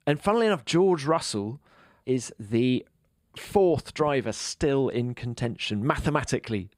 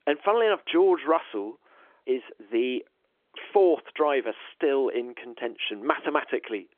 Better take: first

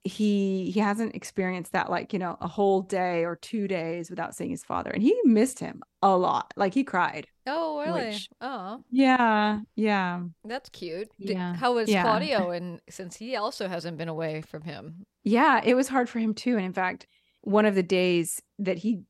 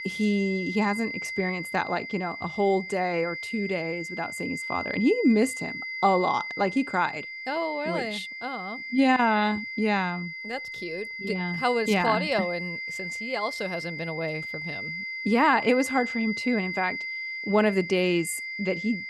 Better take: first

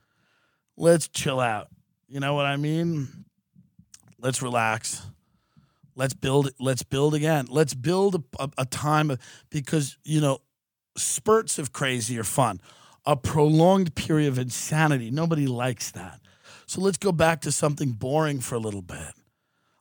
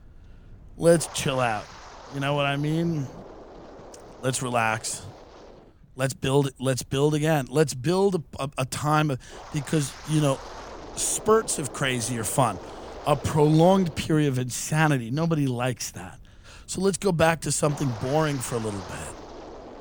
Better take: first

